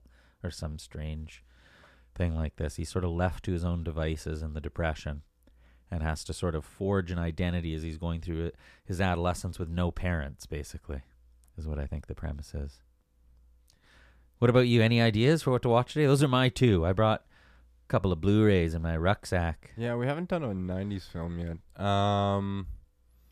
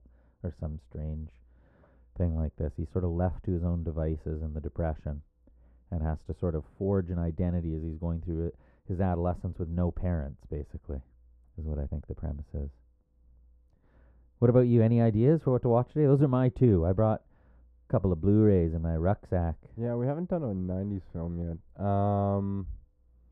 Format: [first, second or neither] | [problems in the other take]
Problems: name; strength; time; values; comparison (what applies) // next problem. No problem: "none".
first | muffled; very; fading above 1.5 kHz